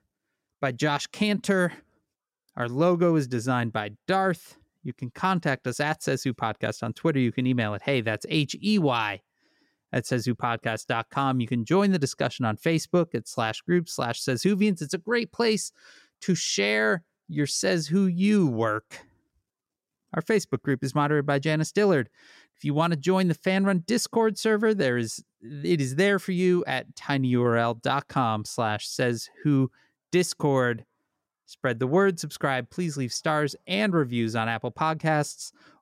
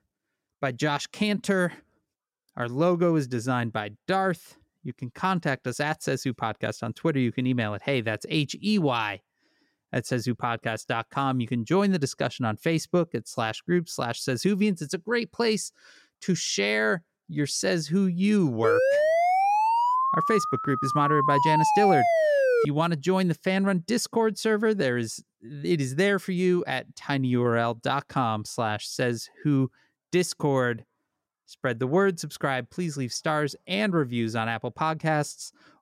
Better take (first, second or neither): first